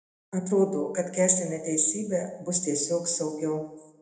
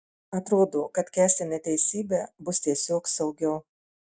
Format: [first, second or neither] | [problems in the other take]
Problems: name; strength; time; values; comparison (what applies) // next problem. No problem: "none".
second | room echo; dies away in 0.8 s